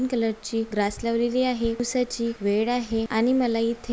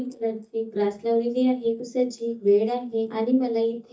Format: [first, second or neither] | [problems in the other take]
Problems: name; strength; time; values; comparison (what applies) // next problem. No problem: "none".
first | noise reduction (neural mask model DeepFilterNet 3)